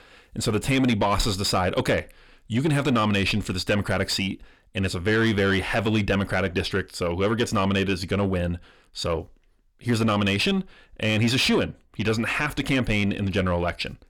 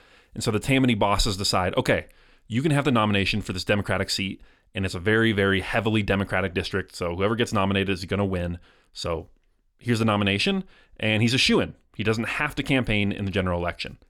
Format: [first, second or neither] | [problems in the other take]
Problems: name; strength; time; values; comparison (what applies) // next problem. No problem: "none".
second | distortion; slight; 10 dB below the speech